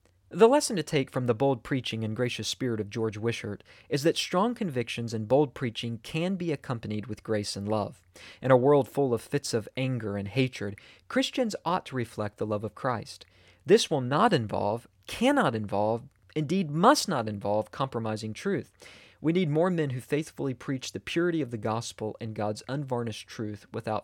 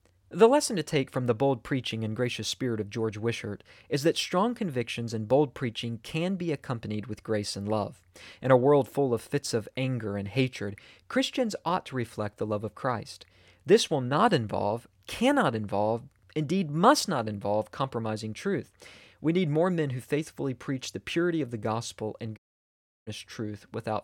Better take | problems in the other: first | audio cutting out; at 22 s for 0.5 s

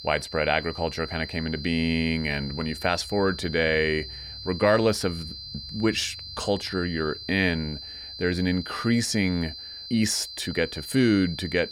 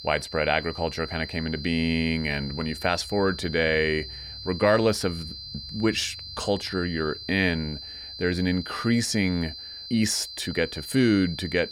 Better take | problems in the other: neither | high-pitched whine; noticeable; throughout; 4 kHz, 10 dB below the speech; the same in both

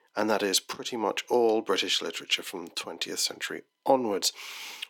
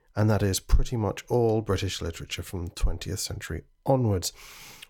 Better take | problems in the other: second | thin; somewhat; fading below 250 Hz

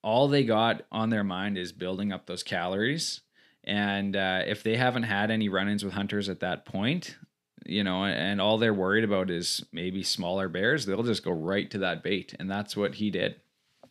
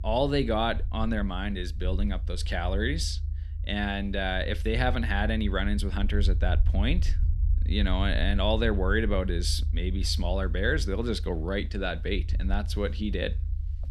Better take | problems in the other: first | low rumble; noticeable; throughout; 20 dB below the speech

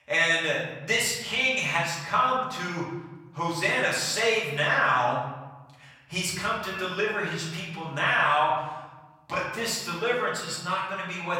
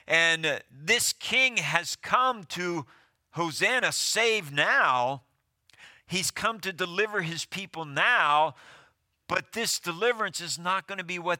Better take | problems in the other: second | off-mic speech; far // room echo; noticeable; dies away in 1.1 s

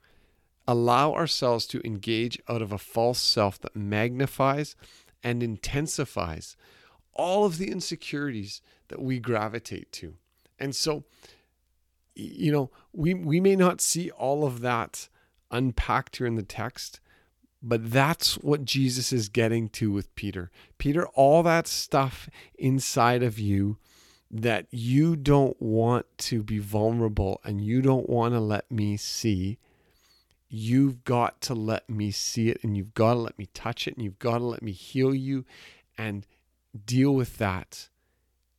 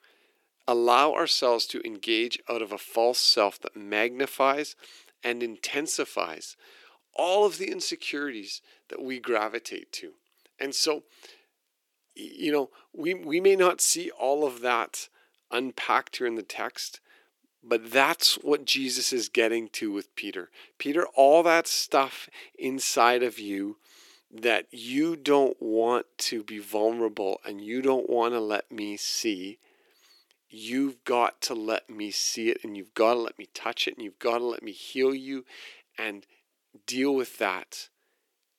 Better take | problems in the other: first | thin; somewhat; fading below 350 Hz

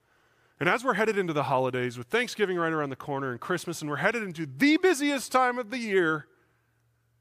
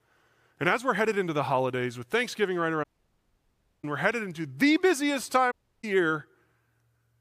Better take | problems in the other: first | audio cutting out; at 3 s for 1 s and at 5.5 s

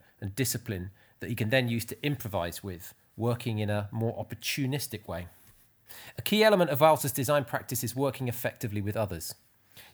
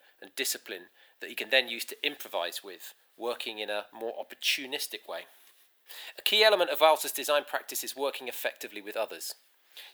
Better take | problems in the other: first | thin; very; fading below 350 Hz

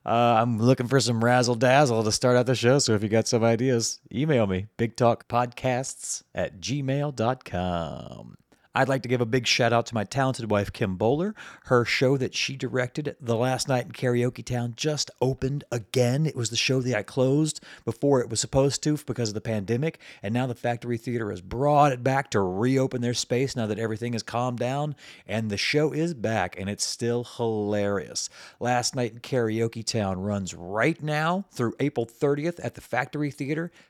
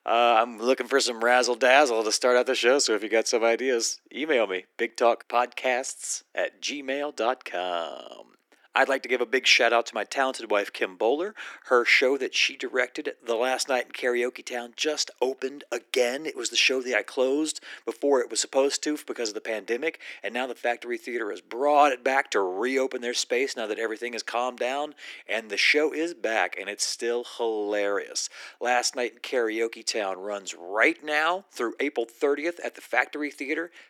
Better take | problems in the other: first | thin; somewhat; fading below 300 Hz

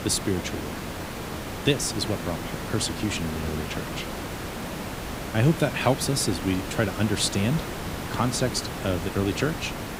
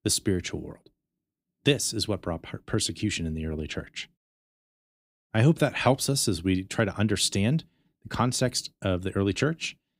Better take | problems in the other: second | hiss; loud; throughout; 6 dB below the speech

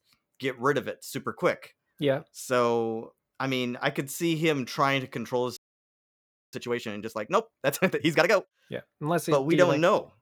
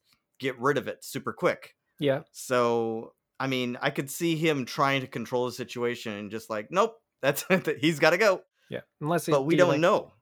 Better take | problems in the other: second | audio freezing; at 5.5 s for 1 s

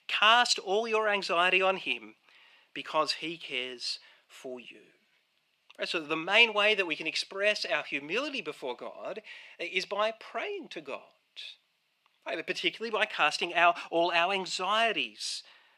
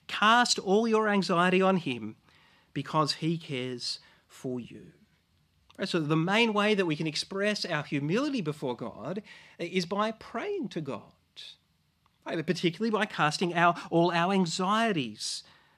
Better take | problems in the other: second | thin; very; fading below 450 Hz

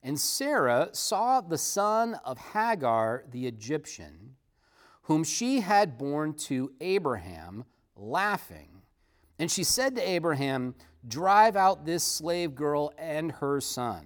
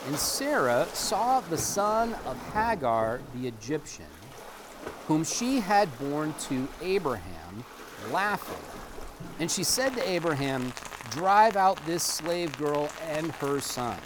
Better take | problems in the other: first | rain or running water; noticeable; throughout; 15 dB below the speech

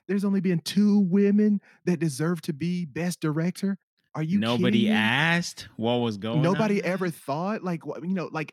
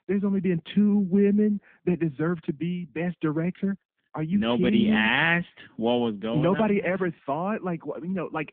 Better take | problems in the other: first | phone-call audio; nothing above 3.5 kHz

